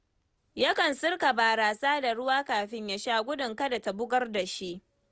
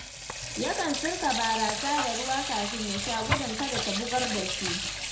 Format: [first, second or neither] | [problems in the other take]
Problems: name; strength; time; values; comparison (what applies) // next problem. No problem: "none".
first | background sound (Sink (filling or washing) / Water tap, faucet); 1 dB below the speech // room echo; dies away in 0.5 s